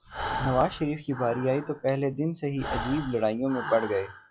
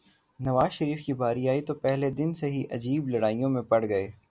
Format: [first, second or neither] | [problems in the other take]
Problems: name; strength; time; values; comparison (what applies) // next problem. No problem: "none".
second | noise reduction (classical method log-MMSE)